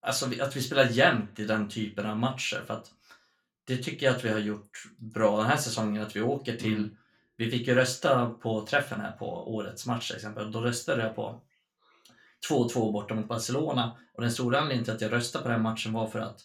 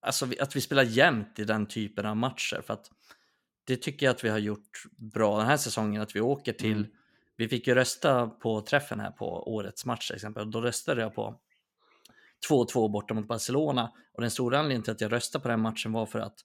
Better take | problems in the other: second | room echo; very slight; dies away in 0.2 s // off-mic speech; somewhat distant

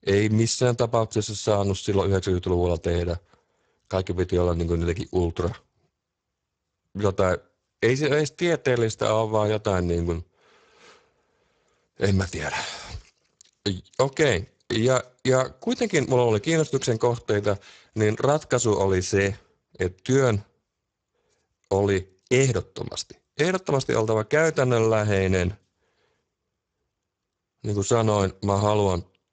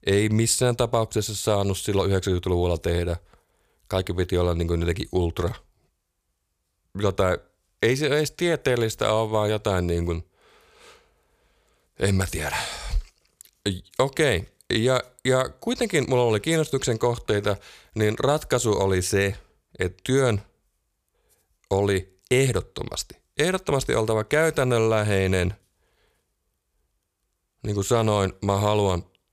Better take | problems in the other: second | garbled, watery; badly; nothing above 7.5 kHz

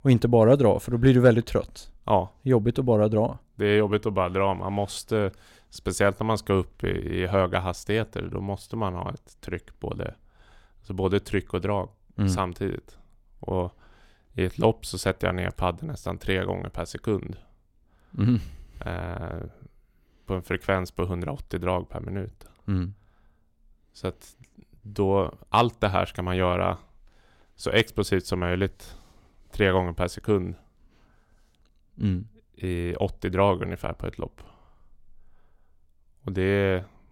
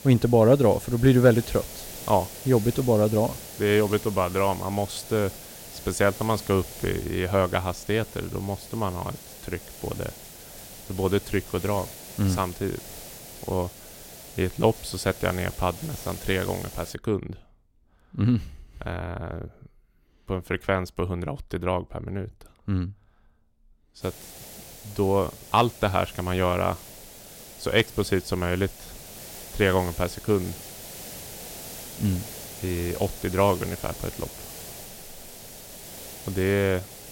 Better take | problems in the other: first | hiss; noticeable; until 17 s and from 24 s on; 15 dB below the speech

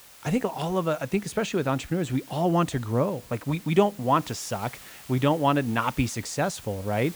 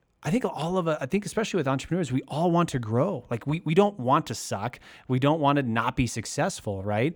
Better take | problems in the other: second | hiss; noticeable; throughout; 20 dB below the speech

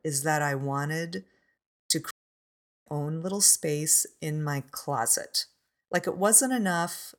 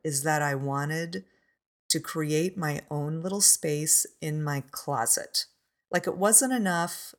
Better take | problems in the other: second | audio cutting out; at 2 s for 1 s

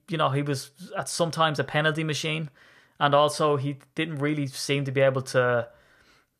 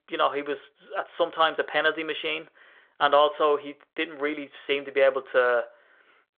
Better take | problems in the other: first | phone-call audio; nothing above 3.5 kHz

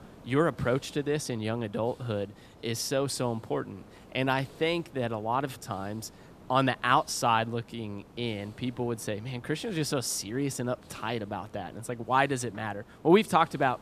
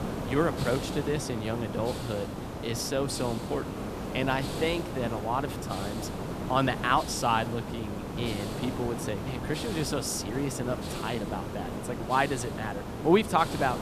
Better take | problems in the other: first | hiss; loud; throughout; 5 dB below the speech; faint in the first

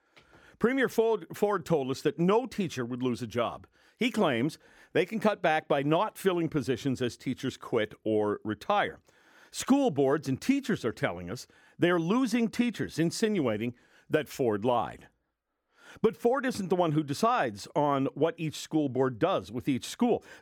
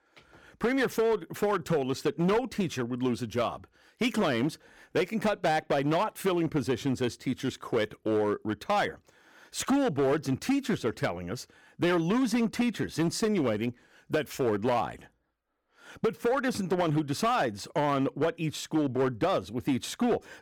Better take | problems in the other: first | distortion; slight; 8% of the sound clipped

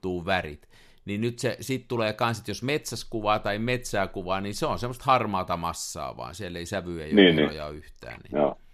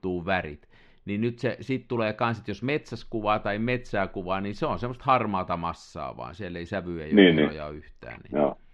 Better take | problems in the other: first | muffled; slightly; fading above 2.5 kHz

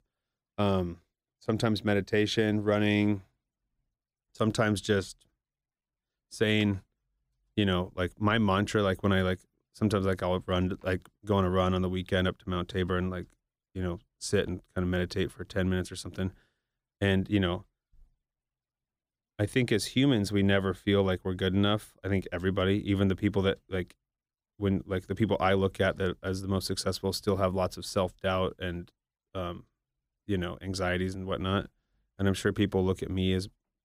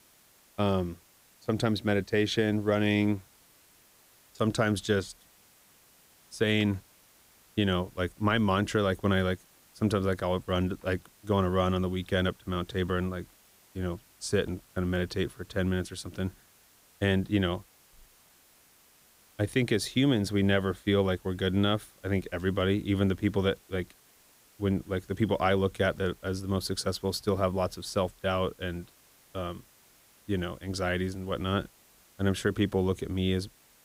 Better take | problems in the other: first | hiss; faint; throughout; 30 dB below the speech

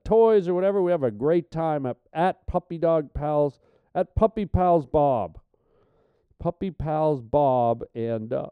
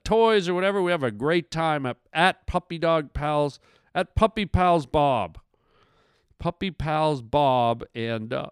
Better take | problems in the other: second | muffled; very; fading above 1 kHz

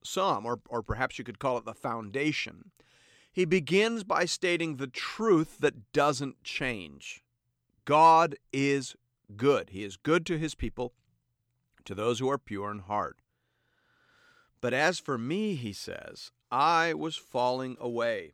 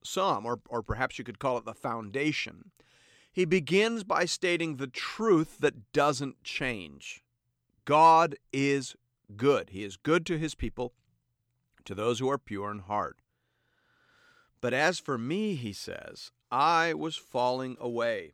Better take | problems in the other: neither | none

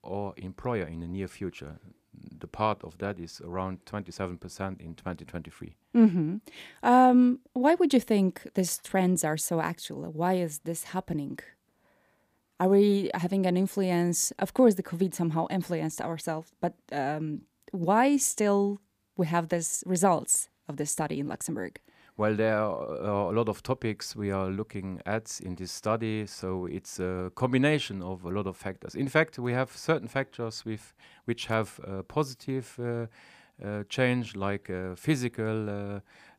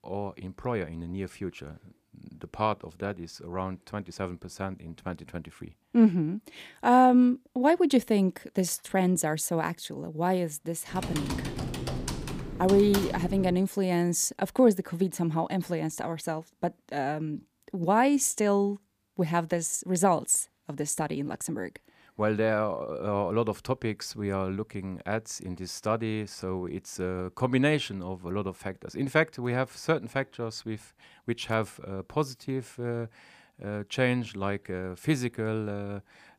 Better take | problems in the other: first | keyboard typing; noticeable; from 11 to 14 s; peak 4 dB below the speech

